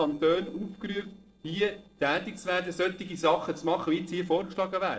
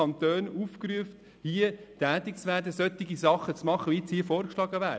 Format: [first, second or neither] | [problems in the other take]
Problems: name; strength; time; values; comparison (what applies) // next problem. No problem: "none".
second | noise reduction (neural separator model SepFormer DNS4)